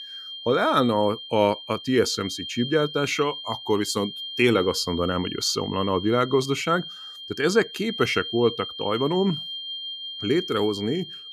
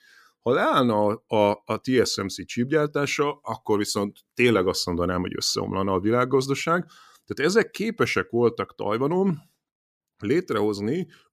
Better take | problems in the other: second | high-pitched whine; loud; throughout; 3 kHz, 9 dB below the speech

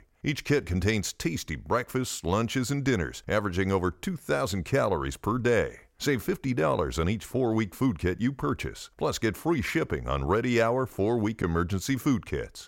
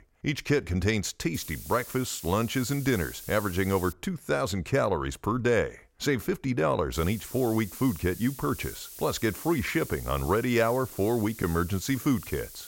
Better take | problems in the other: first | hiss; noticeable; from 1.5 to 4 s and from 7 s on; 15 dB below the speech

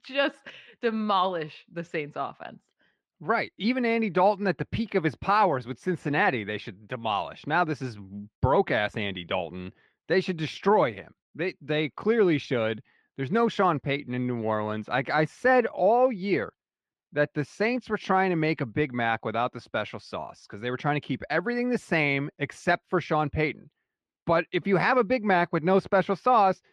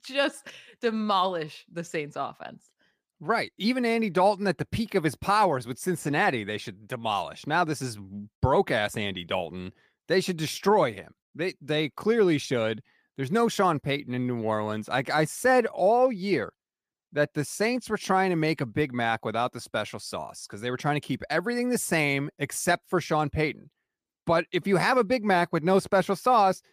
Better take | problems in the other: second | muffled; very slightly; fading above 3 kHz

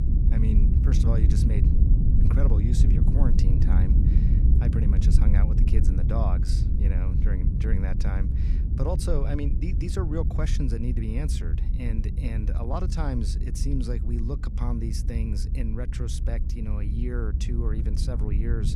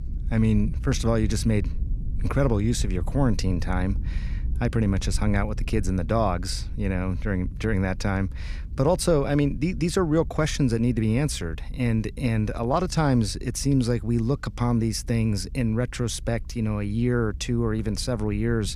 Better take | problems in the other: second | low rumble; loud; throughout; 2 dB below the speech; faint in the second

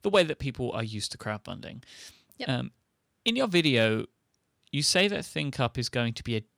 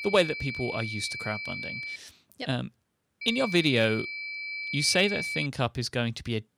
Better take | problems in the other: first | high-pitched whine; loud; until 2 s and from 3 to 5.5 s; 2.5 kHz, 5 dB below the speech

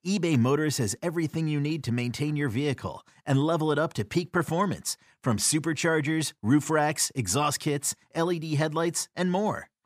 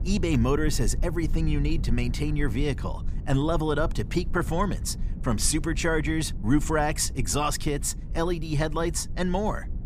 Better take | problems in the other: first | low rumble; noticeable; throughout; 20 dB below the speech

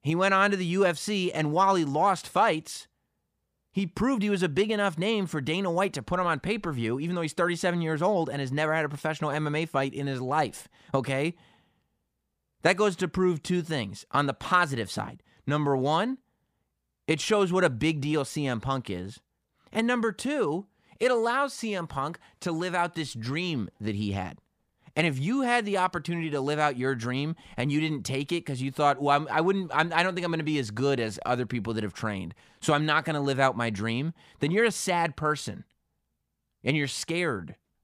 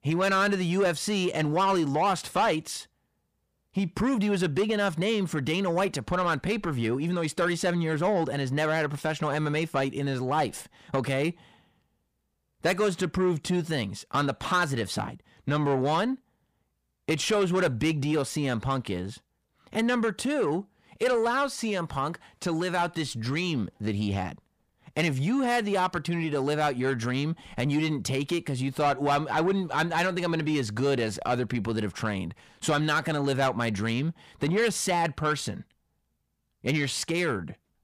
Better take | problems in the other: first | distortion; slight; 10 dB below the speech

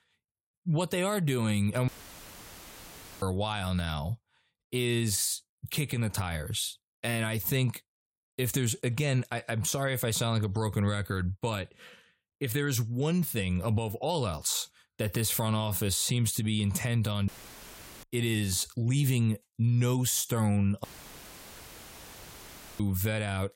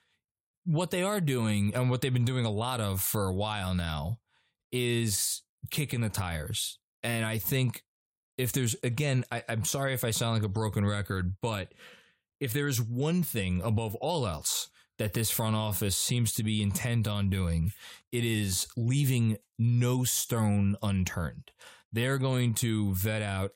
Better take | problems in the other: second | audio cutting out; filled with static; at 2 s for 1.5 s, at 17 s for 1 s and at 21 s for 2 s

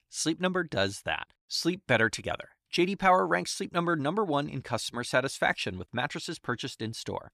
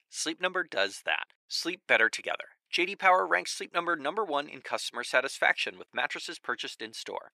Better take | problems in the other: first | thin; very; fading below 450 Hz

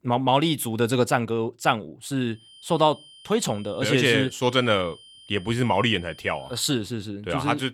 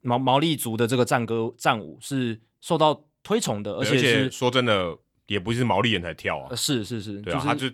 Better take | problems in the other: second | high-pitched whine; faint; from 2.5 to 6.5 s; 3 kHz, 25 dB below the speech

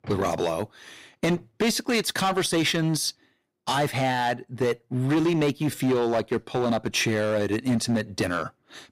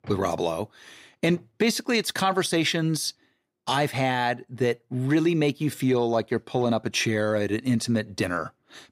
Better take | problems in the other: second | distortion; slight; 9% of the sound clipped

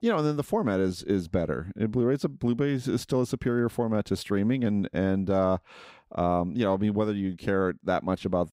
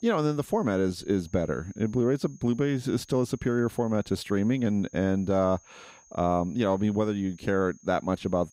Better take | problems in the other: first | high-pitched whine; faint; throughout; 6.5 kHz, 30 dB below the speech

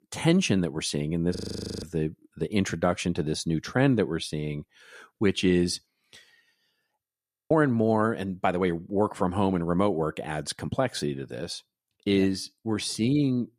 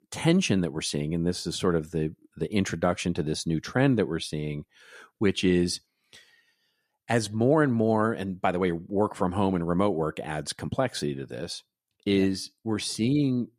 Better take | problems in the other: second | audio freezing; at 1.5 s and at 7 s

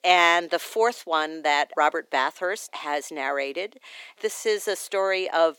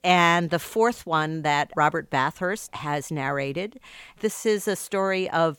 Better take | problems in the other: second | thin; very; fading below 300 Hz

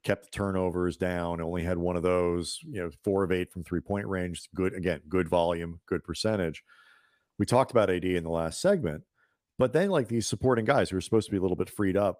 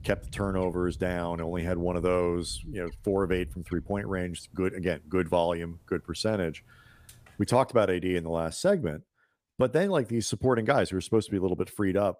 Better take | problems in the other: first | animal sounds; noticeable; until 7.5 s; 20 dB below the speech

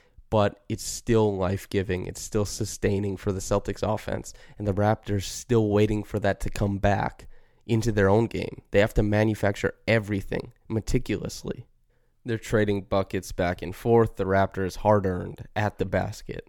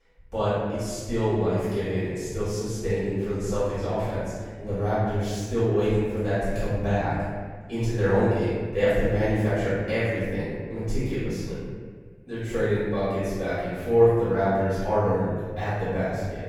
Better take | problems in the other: first | off-mic speech; far // room echo; strong; dies away in 1.6 s

